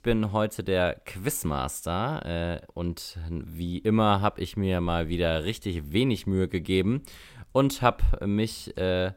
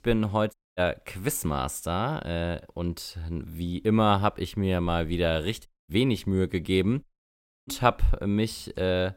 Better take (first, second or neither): first